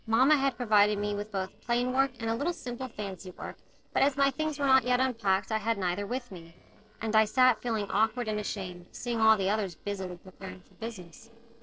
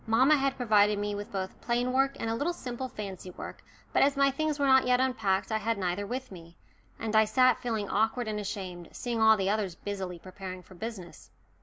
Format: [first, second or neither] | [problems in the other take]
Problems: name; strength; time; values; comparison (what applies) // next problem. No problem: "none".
second | noise reduction (neural separator model SepFormer DNS4)